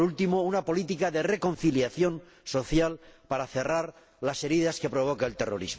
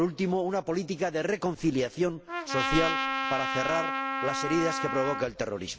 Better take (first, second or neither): first